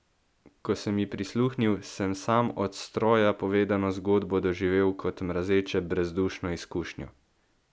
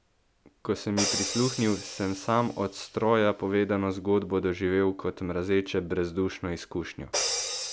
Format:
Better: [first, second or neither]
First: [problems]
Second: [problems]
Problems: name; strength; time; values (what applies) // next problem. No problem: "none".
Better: first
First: none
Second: background sound (Crash cymbal); 9 dB below the speech